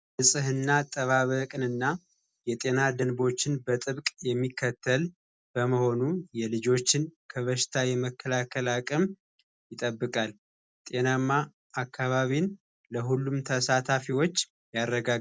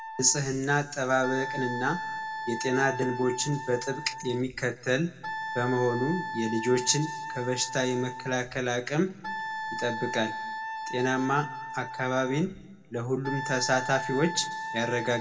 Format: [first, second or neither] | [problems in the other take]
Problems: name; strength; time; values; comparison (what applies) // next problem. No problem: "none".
first | background sound (Wind instrument, woodwind instrument); 8 dB below the speech // room echo; dies away in 1.2 s